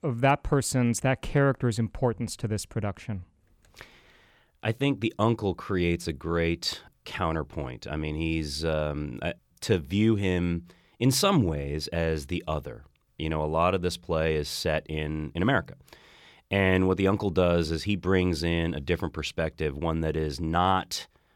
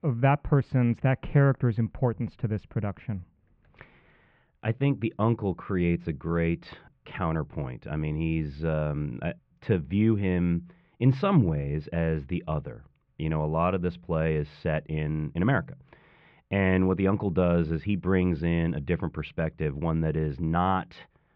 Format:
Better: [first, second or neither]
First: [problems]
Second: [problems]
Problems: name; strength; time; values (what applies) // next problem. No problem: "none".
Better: first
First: none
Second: muffled; very; fading above 2.5 kHz